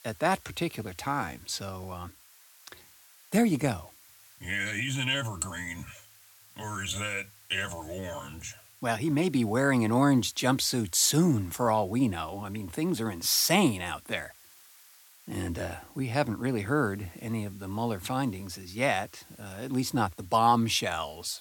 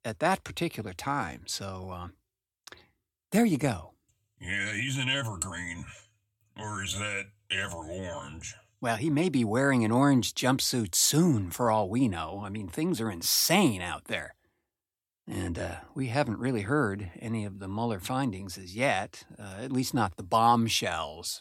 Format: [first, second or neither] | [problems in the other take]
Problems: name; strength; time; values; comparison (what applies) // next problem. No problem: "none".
second | hiss; faint; throughout; 25 dB below the speech